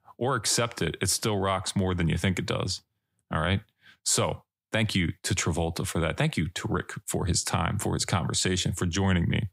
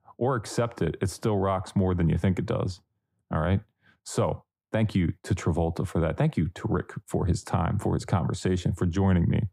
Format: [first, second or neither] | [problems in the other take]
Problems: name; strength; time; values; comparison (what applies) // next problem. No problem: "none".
first | muffled; slightly; fading above 1.5 kHz